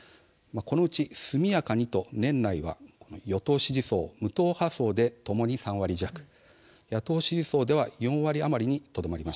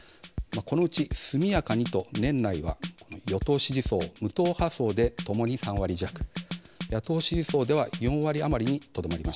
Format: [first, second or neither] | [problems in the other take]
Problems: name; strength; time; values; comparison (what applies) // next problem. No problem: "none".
first | background sound (Drum kit); 9 dB below the speech